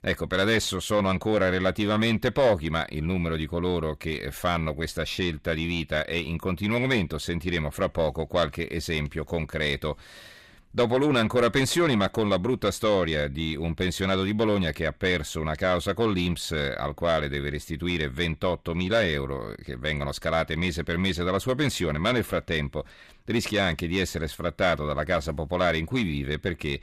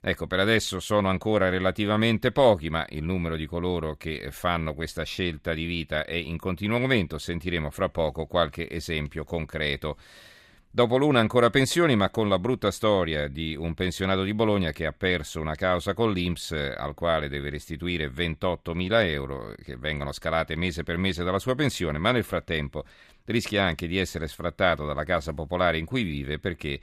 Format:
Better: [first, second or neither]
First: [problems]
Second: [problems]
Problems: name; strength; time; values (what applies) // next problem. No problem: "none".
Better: second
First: distortion; slight; 10 dB below the speech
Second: none